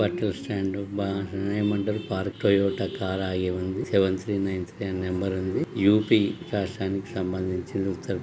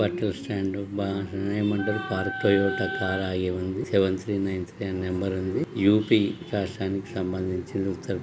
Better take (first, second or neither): first